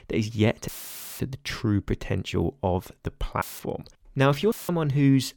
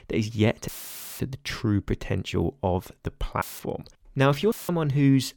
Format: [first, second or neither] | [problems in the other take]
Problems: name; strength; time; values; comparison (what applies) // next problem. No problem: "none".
neither | audio cutting out; filled with static; at 0.5 s for 0.5 s, at 3.5 s and at 4.5 s; the same in both